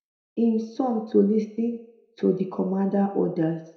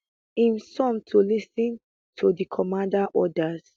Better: second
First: room echo; dies away in 0.6 s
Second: none

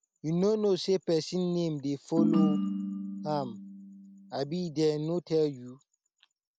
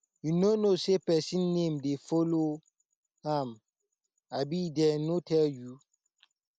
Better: second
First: background sound (Ringtone); 1 dB below the speech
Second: none

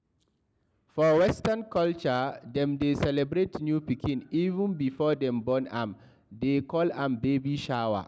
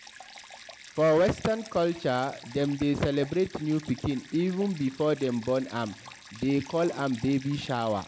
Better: first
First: none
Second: background sound (Stream); 19 dB below the speech

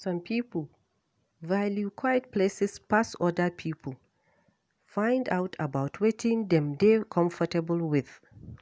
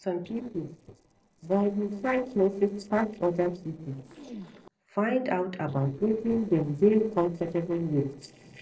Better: first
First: none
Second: noise reduction (neural separator model SepFormer DNS4)

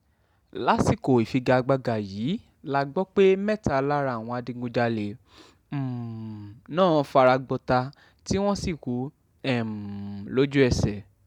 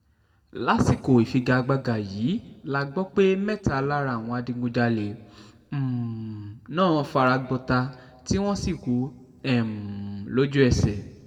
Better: first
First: none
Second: room echo; dies away in 0.9 s

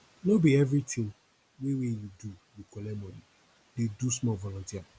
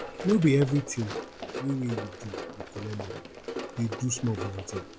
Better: first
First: none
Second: background sound (Run); 9 dB below the speech

